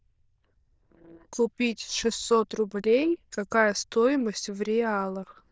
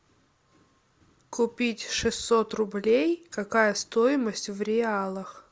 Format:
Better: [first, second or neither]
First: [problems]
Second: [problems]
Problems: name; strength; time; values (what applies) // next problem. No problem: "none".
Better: second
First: noise reduction (neural diffusion model UNIVERSE++)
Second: none